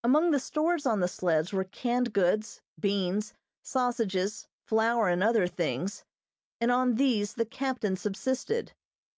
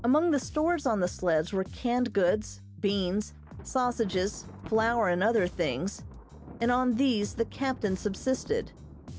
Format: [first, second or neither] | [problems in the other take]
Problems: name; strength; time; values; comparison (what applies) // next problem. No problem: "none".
first | background sound (Thunder + Bass guitar); 15 dB below the speech